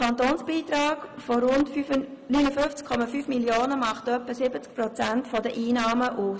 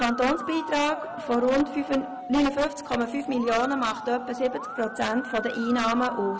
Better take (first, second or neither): first